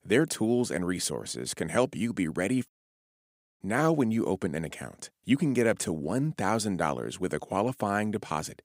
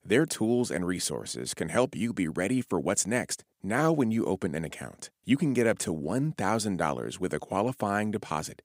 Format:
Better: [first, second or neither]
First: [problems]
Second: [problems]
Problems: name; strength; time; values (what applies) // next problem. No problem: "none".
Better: second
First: audio cutting out; at 2.5 s for 1 s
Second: none